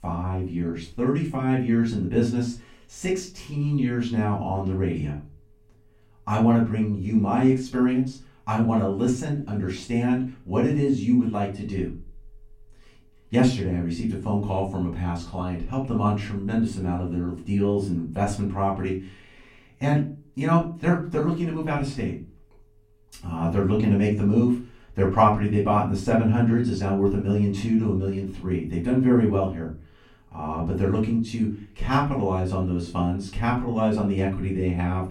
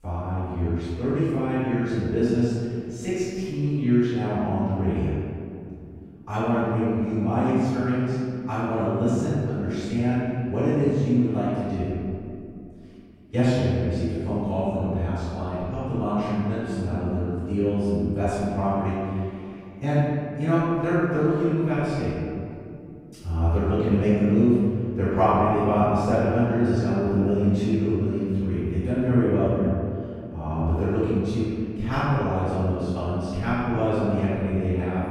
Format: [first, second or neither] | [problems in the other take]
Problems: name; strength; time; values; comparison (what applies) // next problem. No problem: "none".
first | room echo; strong; dies away in 2.3 s; slight in the first // off-mic speech; far; far in the first